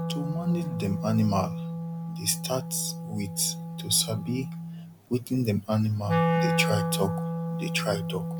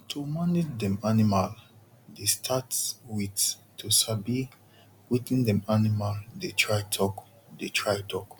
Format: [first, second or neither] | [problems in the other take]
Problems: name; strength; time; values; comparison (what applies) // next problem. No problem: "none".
second | background sound (Wind instrument, woodwind instrument); 1 dB below the speech